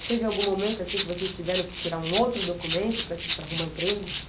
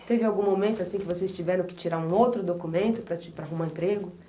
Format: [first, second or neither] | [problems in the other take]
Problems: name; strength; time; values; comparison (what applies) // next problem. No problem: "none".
second | background sound (Rattle (instrument)); 5 dB below the speech